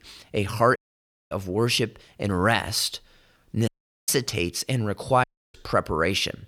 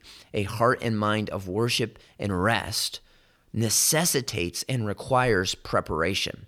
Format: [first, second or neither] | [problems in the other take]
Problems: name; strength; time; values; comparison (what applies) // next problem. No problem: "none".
second | audio cutting out; at 1 s for 0.5 s, at 3.5 s and at 5 s